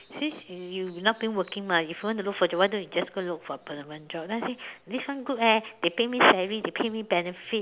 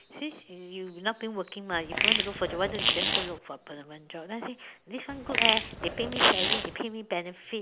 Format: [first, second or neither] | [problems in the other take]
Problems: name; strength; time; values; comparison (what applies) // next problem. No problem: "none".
first | background sound (Fart); 5 dB above the speech